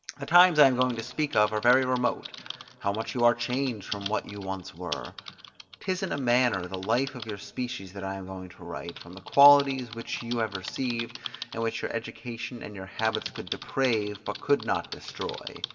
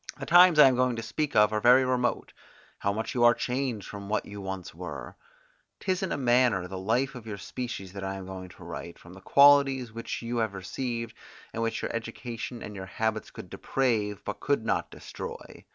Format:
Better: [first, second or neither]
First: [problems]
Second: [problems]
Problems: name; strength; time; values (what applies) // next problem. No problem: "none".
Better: second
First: background sound (Typing); 15 dB below the speech // room echo; dies away in 1.9 s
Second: none